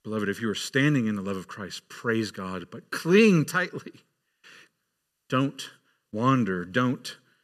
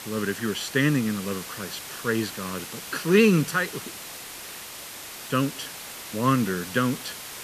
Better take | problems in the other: first | hiss; noticeable; throughout; 10 dB below the speech

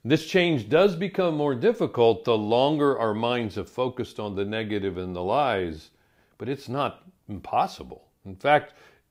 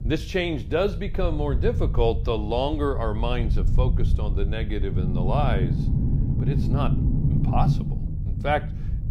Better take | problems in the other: first | low rumble; loud; throughout; 9 dB below the speech

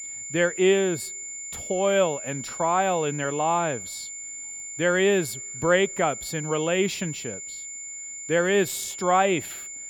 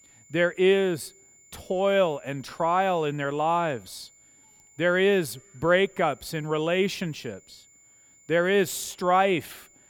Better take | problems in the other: second | high-pitched whine; loud; throughout; 7 kHz, 9 dB below the speech; faint in the second

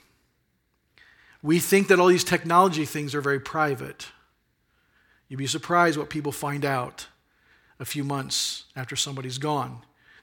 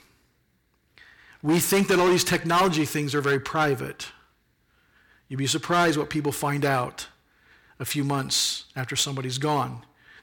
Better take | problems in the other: first | distortion; heavy; 5% of the sound clipped

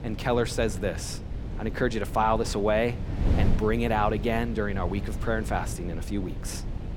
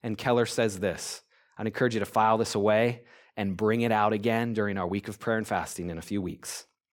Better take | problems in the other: second | wind noise on the microphone; occasional gusts; 15 dB below the speech

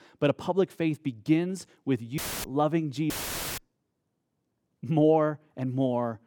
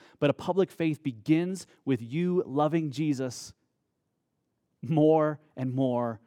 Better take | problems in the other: second | audio cutting out; filled with static; at 2 s and at 3 s

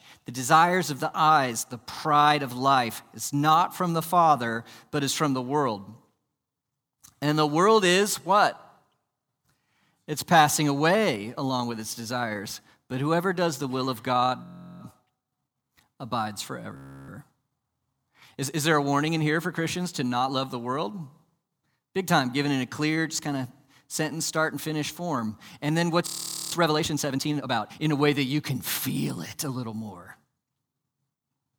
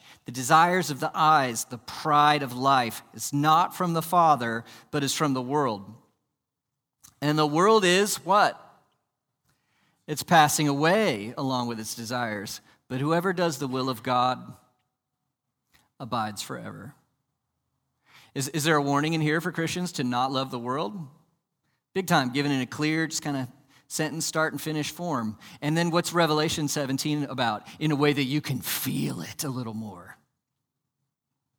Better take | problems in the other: second | audio freezing; at 14 s, at 17 s and at 26 s

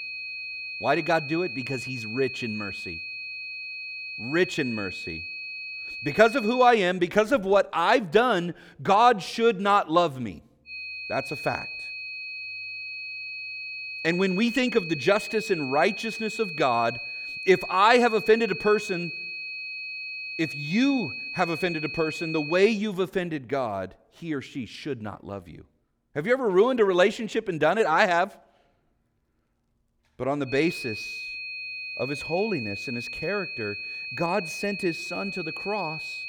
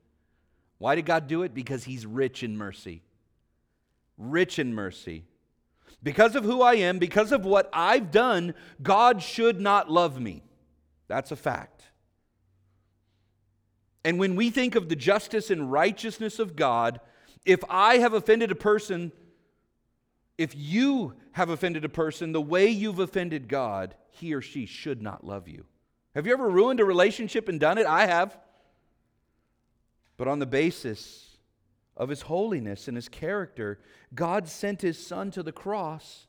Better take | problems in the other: second | high-pitched whine; loud; until 6.5 s, from 11 to 23 s and from 30 s on; 2.5 kHz, 8 dB below the speech

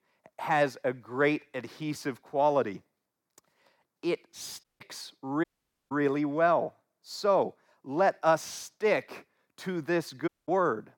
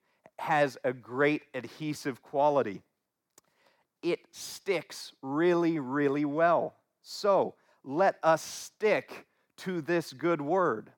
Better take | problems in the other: second | audio cutting out; at 4.5 s, at 5.5 s and at 10 s

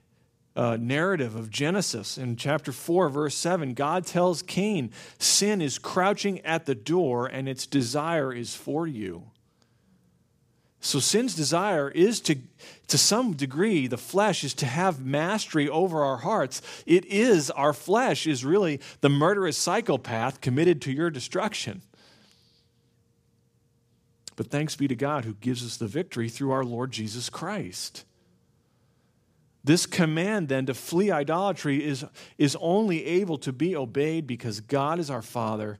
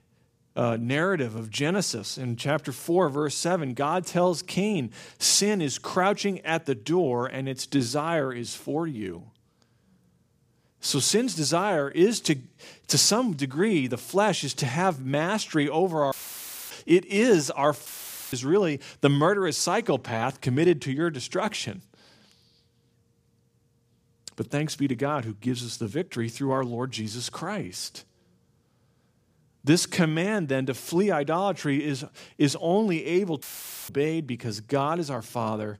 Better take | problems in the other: first | audio cutting out; filled with static; at 16 s for 0.5 s, at 18 s and at 33 s

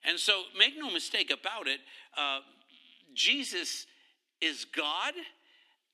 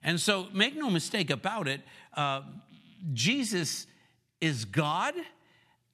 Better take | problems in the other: second | thin; somewhat; fading below 250 Hz

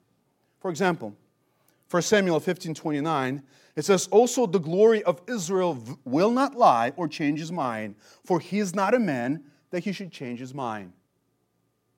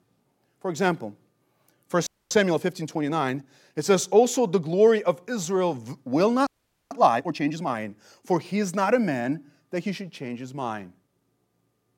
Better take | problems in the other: first | audio freezing; at 2 s and at 6.5 s

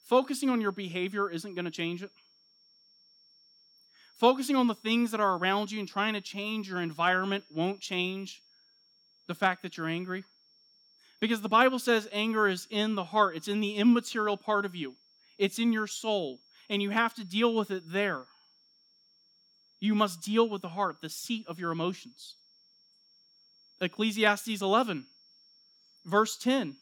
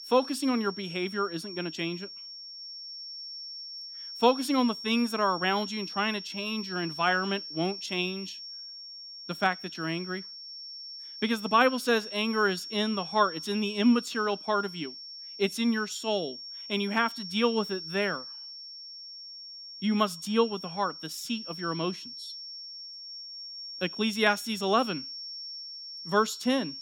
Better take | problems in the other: first | high-pitched whine; loud; throughout; 5.5 kHz, 10 dB below the speech; faint in the first

